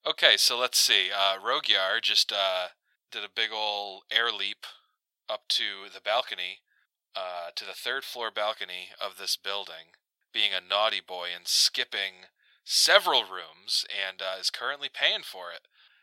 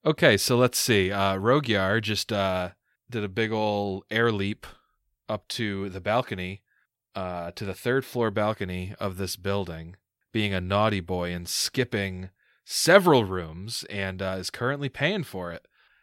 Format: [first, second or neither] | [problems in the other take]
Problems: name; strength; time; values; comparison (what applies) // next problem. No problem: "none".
second | thin; very; fading below 950 Hz